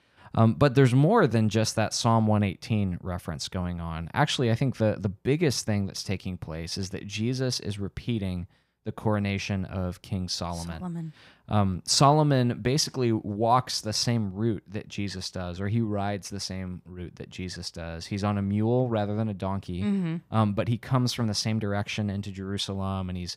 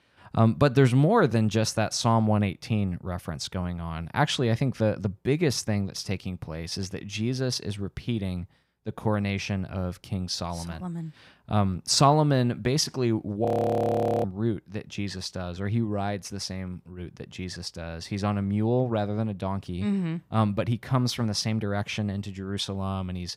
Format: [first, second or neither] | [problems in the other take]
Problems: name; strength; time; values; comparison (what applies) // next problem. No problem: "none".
first | audio freezing; at 13 s for 1 s